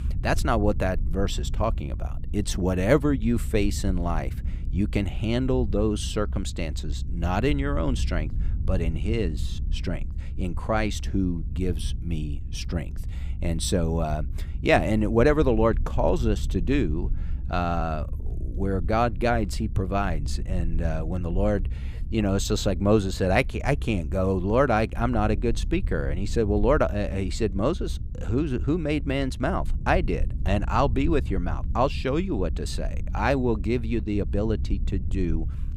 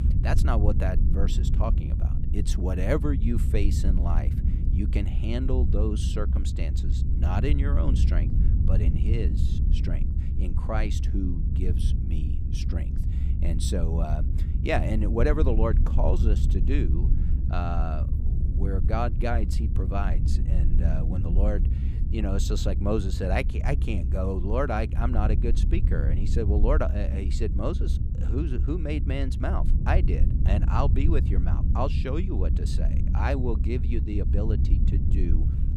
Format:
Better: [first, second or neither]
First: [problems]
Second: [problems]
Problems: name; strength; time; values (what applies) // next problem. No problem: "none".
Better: first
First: low rumble; faint; throughout; 20 dB below the speech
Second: low rumble; loud; throughout; 8 dB below the speech